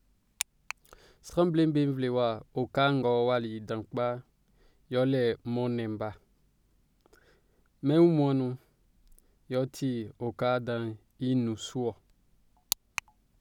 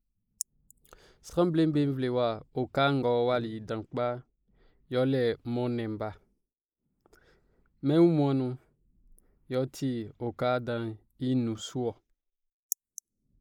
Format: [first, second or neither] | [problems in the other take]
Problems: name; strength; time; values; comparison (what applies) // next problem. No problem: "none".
first | noise reduction (neural mask model Resemble Enhance denoiser)